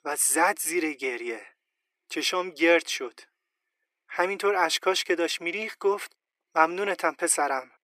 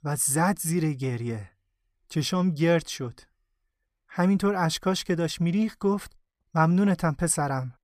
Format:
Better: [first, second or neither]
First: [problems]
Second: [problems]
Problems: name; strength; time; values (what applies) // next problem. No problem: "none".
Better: second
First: thin; very; fading below 350 Hz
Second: none